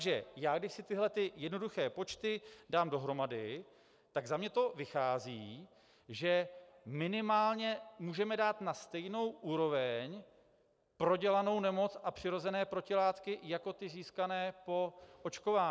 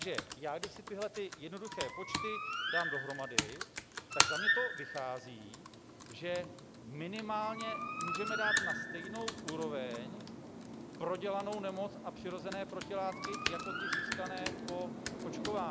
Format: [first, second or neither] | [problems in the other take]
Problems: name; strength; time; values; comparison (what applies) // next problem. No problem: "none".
first | background sound (Computer keyboard + Bird); 2 dB above the speech